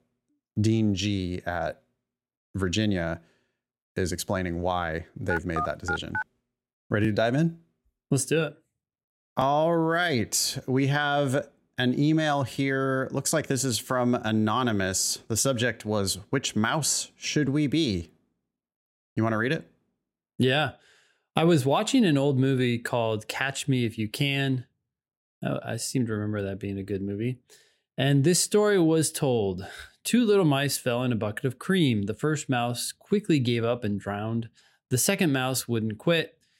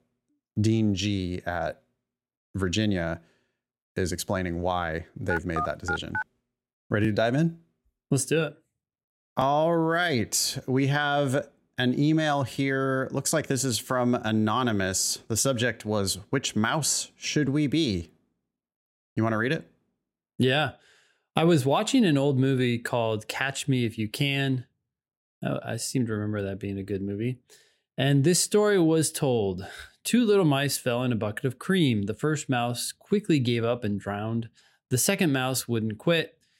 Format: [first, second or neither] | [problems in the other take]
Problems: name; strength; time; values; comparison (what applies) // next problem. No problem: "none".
neither | phone ringing; noticeable; at 5.5 s; peak 4 dB below the speech; the same in both